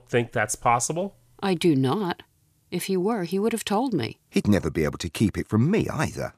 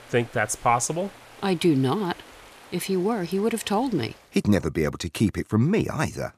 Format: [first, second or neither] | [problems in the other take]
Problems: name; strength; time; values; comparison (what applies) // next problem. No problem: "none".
first | rain or running water; faint; until 4 s; 20 dB below the speech